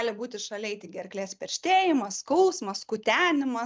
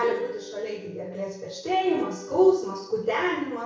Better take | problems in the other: first | background sound (Plucked string instrument); 15 dB below the speech // room echo; dies away in 0.6 s

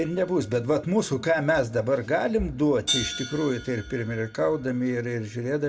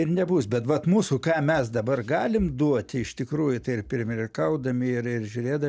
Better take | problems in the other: second | background sound (Hi-hat); 13 dB below the speech // room echo; dies away in 1.1 s

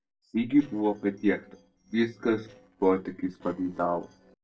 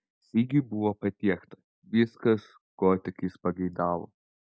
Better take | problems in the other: second | noise reduction (neural separator model SepFormer DNS4)

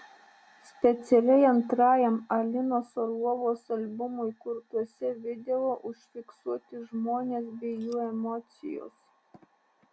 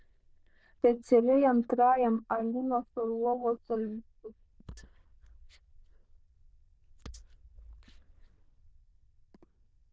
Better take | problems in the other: first | noise reduction (neural diffusion model UNIVERSE++)

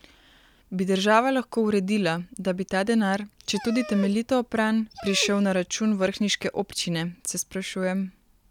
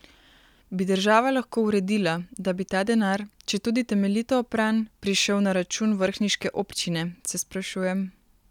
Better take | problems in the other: second | background sound (Dog); 14 dB below the speech

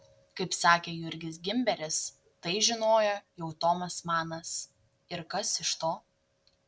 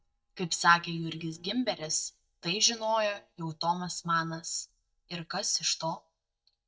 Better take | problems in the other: first | noise reduction (neural mask model DeepFilterNet 3)

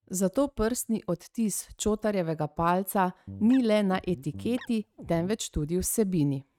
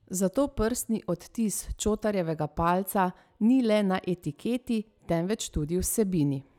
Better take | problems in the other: second | noise reduction (neural mask model RNNoise)

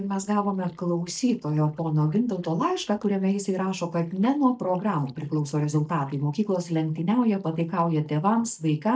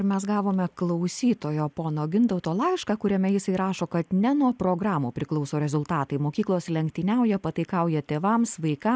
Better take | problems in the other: second | noise reduction (neural mask model DeepFilterNet 3)

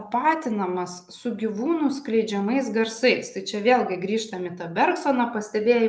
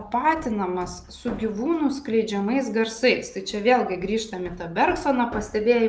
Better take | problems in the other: first | background sound (Hammer); 19 dB below the speech

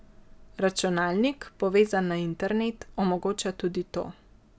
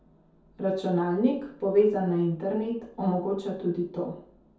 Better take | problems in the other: first | room echo; dies away in 0.6 s

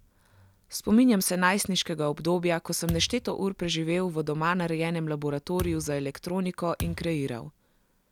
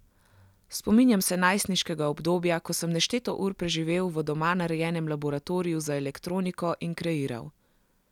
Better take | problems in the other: second | background sound (Thump, thud); 12 dB below the speech

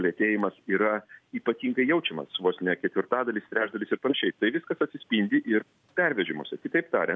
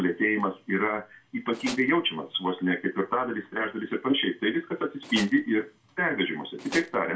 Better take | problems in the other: first | background sound (Tools); 11 dB below the speech // room echo; dies away in 0.2 s

